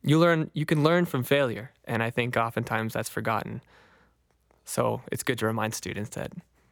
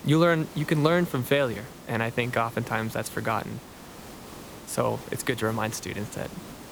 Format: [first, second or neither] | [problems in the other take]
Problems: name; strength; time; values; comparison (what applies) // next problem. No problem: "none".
first | hiss; noticeable; throughout; 15 dB below the speech